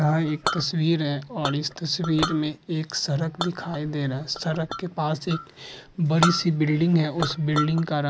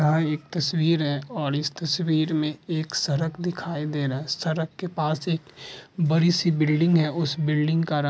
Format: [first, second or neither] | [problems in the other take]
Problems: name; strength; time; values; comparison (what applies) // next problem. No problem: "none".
second | background sound (Chink, clink); 9 dB below the speech